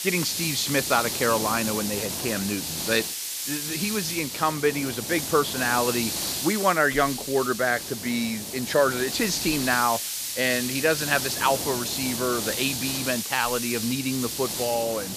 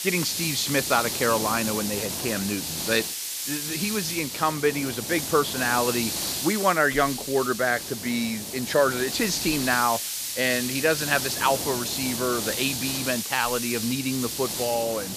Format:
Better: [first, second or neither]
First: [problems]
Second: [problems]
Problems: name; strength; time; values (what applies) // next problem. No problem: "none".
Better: neither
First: hiss; loud; throughout; 3 dB below the speech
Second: hiss; loud; throughout; 3 dB below the speech